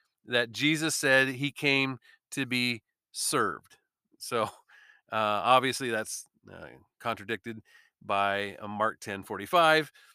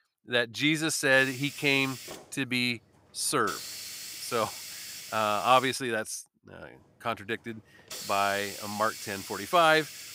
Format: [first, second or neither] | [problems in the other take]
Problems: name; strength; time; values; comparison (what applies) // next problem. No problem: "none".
first | hiss; noticeable; from 1 to 5.5 s and from 7 s on; 10 dB below the speech